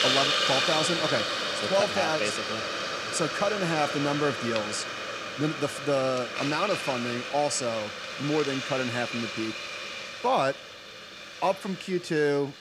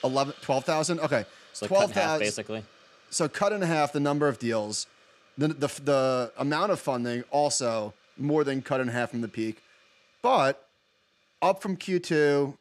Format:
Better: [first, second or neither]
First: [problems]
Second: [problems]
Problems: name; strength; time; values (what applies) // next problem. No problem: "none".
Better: second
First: hiss; loud; throughout; 1 dB below the speech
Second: hiss; faint; throughout; 25 dB below the speech